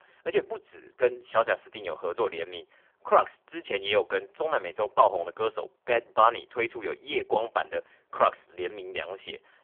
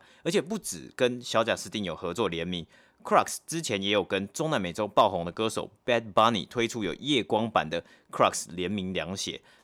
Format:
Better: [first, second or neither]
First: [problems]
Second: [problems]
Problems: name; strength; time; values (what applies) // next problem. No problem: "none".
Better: second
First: phone-call audio; poor line; nothing above 3.5 kHz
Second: none